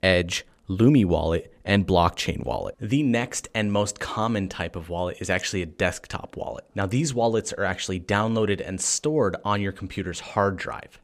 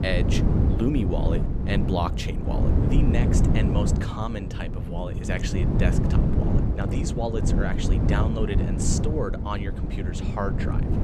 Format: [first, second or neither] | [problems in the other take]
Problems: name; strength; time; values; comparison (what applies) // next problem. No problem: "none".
first | wind noise on the microphone; heavy; 2 dB below the speech